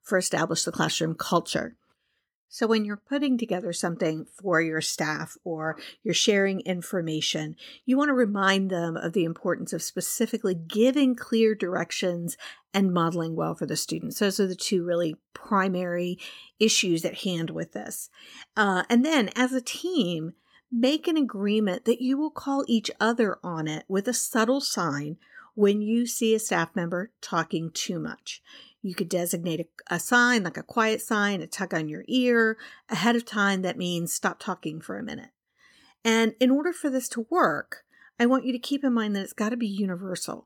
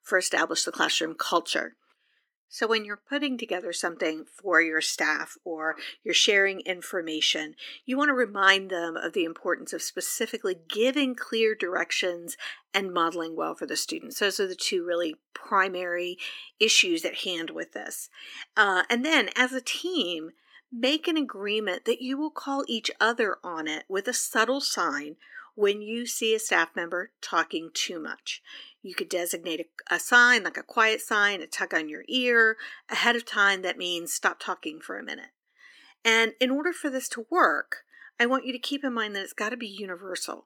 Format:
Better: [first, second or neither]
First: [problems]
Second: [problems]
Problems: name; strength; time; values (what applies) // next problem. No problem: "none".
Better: first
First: none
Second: thin; somewhat; fading below 300 Hz